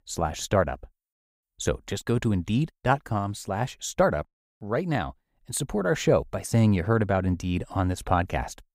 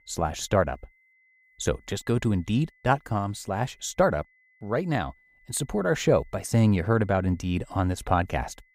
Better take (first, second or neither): first